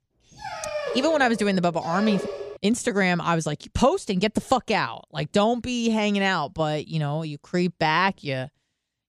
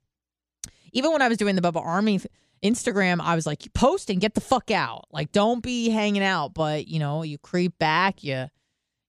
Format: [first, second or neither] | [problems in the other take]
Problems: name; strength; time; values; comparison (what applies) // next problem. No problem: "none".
second | dog barking; noticeable; until 2.5 s; peak 6 dB below the speech